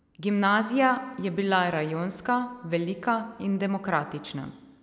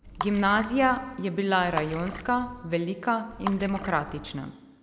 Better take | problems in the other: first | background sound (Water / Splash, splatter); 13 dB below the speech

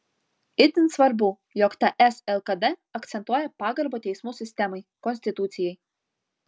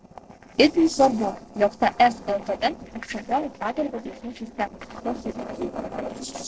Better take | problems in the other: first | noise reduction (neural separator model SepFormer DNS4)

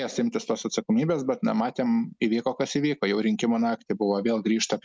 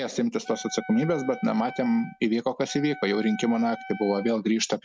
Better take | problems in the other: first | background sound (Wind instrument, woodwind instrument); 16 dB below the speech

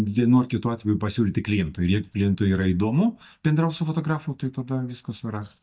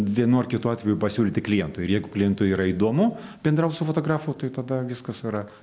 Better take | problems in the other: second | noise reduction (neural mask model DeepFilterNet 3)

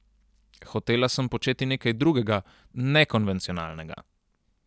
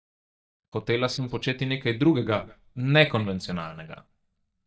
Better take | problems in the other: first | noise reduction (neural mask model DeepFilterNet 3)

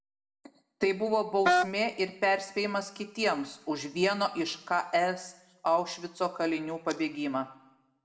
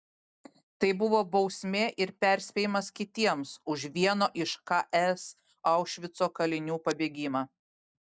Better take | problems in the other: second | background sound (Wind instrument, woodwind instrument); 3 dB above the speech // room echo; dies away in 0.7 s

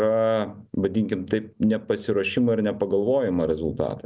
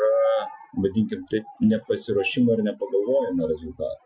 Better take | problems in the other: first | noise reduction (classical method Wiener filter)

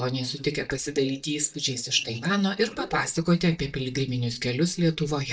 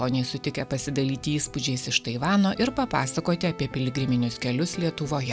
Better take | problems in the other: second | noise reduction (neural mask model DeepFilterNet 3)

